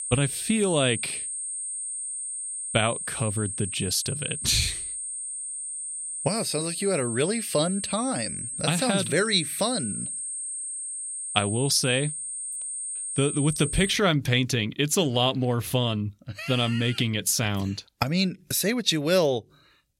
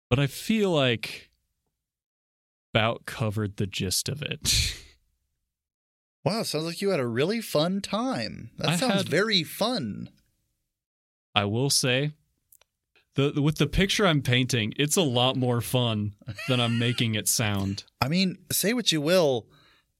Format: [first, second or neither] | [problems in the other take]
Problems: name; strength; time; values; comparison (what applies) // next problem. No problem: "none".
second | high-pitched whine; loud; until 14 s; 8.5 kHz, 5 dB below the speech